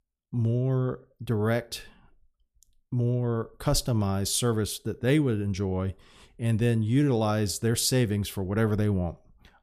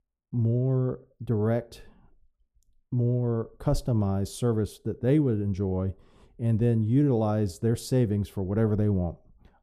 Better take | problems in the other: first | muffled; slightly; fading above 1 kHz

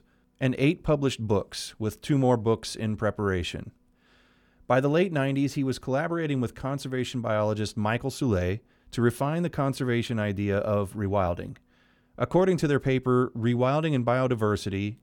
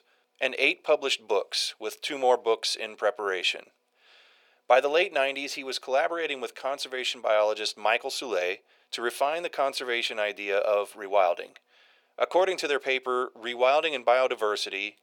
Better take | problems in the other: first | thin; very; fading below 450 Hz

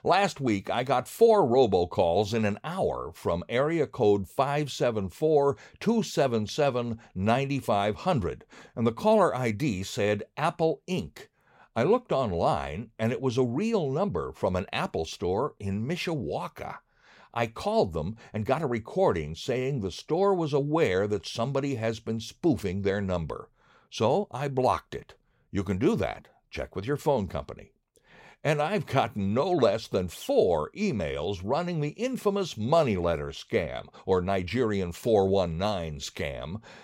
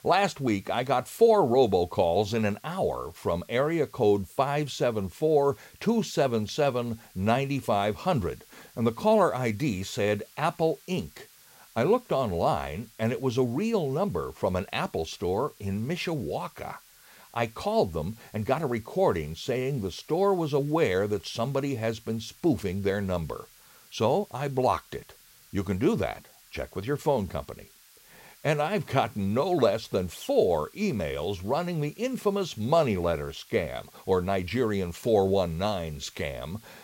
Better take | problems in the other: first | hiss; faint; throughout; 25 dB below the speech

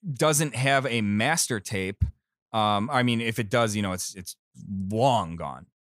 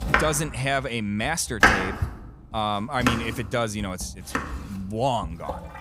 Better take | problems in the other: first | household noises; very loud; throughout; 2 dB above the speech

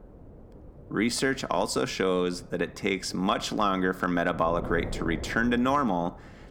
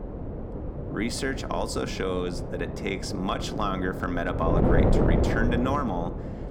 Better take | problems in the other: first | wind noise on the microphone; heavy; 3 dB below the speech; occasional gusts in the first

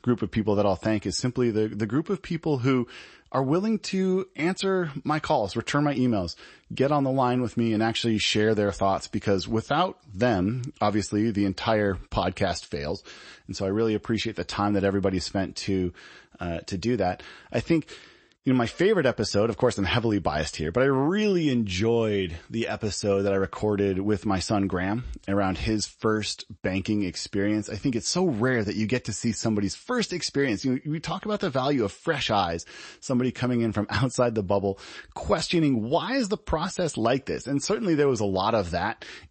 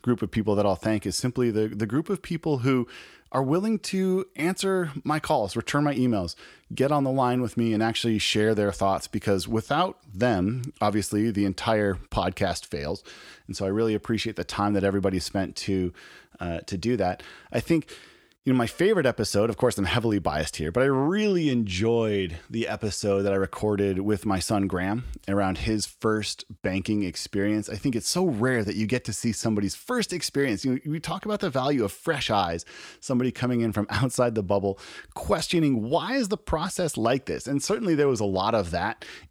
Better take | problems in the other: second | garbled, watery; slightly; nothing above 8 kHz

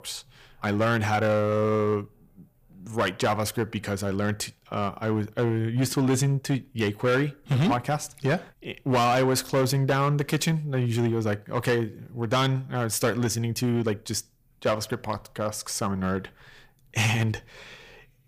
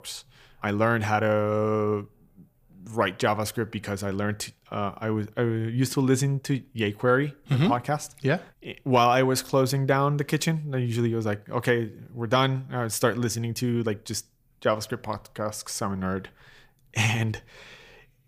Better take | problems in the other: second | distortion; slight; 7% of the sound clipped

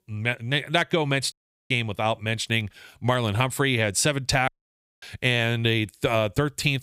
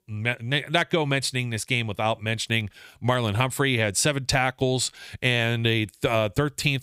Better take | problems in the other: second | audio cutting out; at 1.5 s and at 4.5 s for 0.5 s

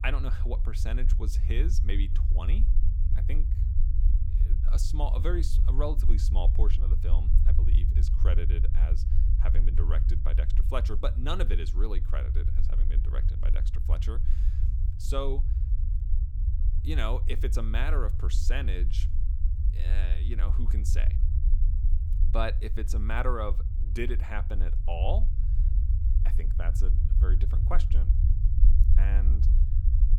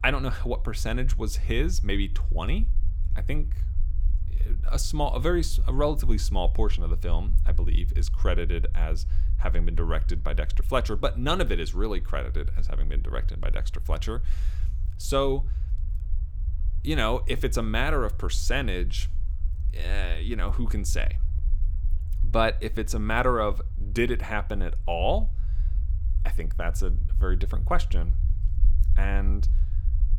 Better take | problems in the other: second | low rumble; loud; throughout; 9 dB below the speech; faint in the second

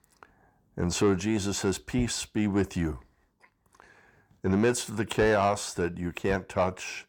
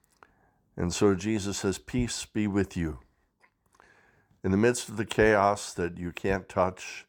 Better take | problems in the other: second | distortion; slight; 10 dB below the speech

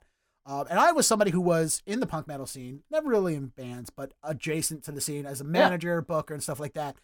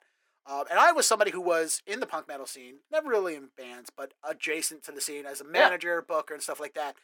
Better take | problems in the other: first | thin; very; fading below 350 Hz

